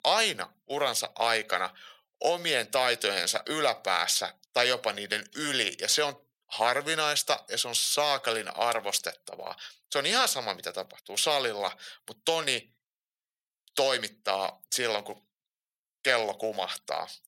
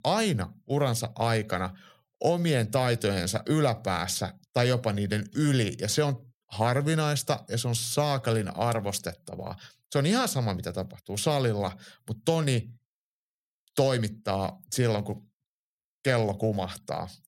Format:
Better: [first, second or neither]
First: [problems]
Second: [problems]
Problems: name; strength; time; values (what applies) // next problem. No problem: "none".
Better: second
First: thin; very; fading below 600 Hz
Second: none